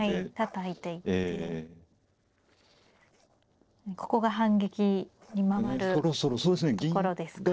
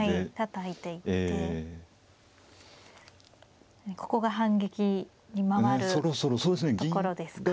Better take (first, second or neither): second